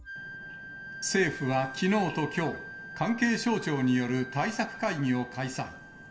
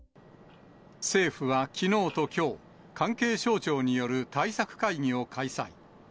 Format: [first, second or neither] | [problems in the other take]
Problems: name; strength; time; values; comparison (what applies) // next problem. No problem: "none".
second | background sound (Wind instrument, woodwind instrument); 13 dB below the speech // room echo; dies away in 1.4 s